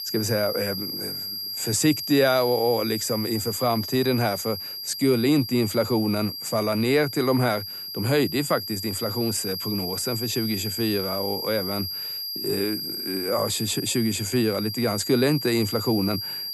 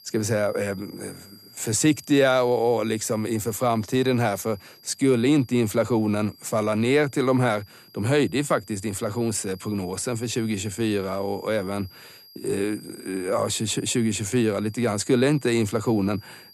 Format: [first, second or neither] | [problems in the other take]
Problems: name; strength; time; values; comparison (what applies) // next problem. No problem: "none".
second | high-pitched whine; loud; throughout; 5 kHz, 5 dB below the speech; faint in the second